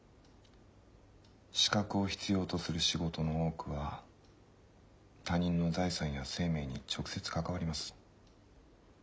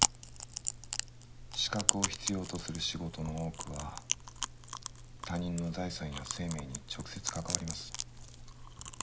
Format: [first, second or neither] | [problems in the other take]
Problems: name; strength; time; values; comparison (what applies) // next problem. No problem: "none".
first | background sound (Chewing, mastication); 2 dB above the speech